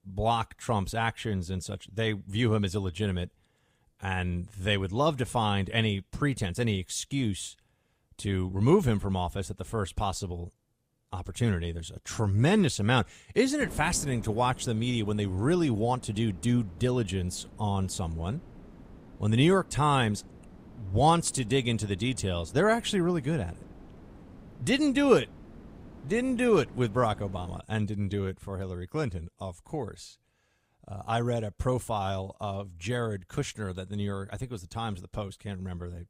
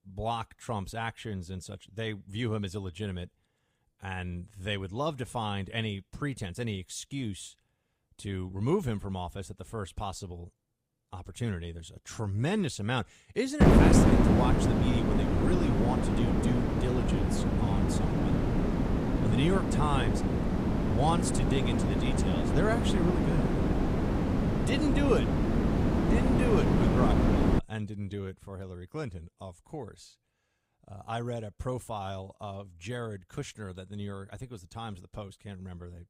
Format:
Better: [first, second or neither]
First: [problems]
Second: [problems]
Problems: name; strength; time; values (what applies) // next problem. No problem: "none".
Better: first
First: wind noise on the microphone; occasional gusts; from 14 to 28 s; 25 dB below the speech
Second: wind noise on the microphone; heavy; from 14 to 28 s; 4 dB above the speech